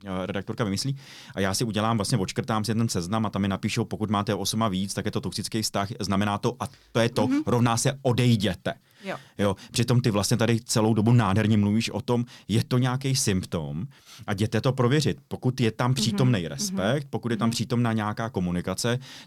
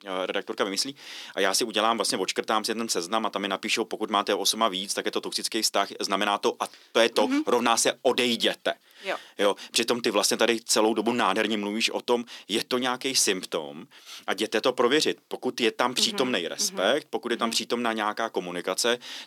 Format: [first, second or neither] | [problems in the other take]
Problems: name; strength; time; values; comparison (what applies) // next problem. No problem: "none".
first | thin; somewhat; fading below 300 Hz